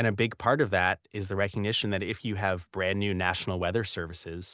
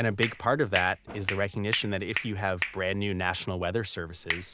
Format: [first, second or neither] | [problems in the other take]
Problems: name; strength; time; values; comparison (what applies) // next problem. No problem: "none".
first | background sound (Hands); 7 dB below the speech